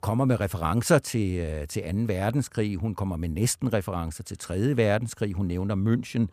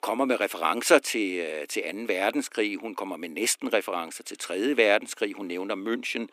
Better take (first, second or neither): first